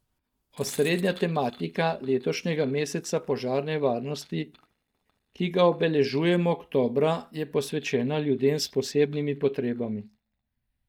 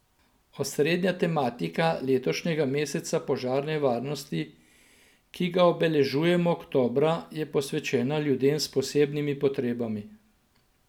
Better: second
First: noise reduction (neural mask model DeepFilterNet 3)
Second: none

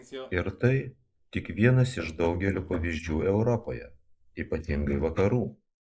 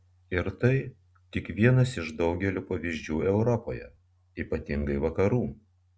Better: second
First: noise reduction (neural mask model Resemble Enhance denoiser)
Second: none

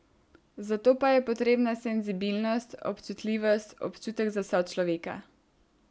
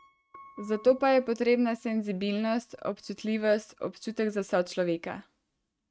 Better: first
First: none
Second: noise reduction (neural mask model RNNoise)

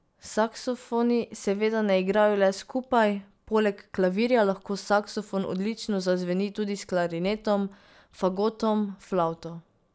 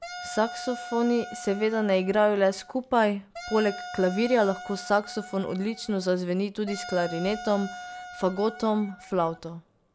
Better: first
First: none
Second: background sound (Wind instrument, woodwind instrument); 14 dB below the speech

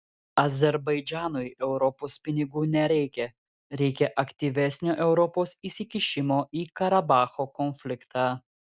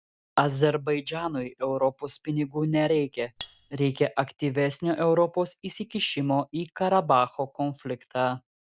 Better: first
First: none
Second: background sound (Cutlery, silverware); 18 dB below the speech

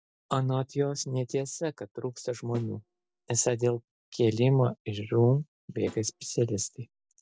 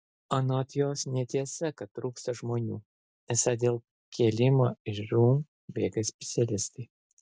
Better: second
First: noise reduction (neural separator model SepFormer DNS4)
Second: none

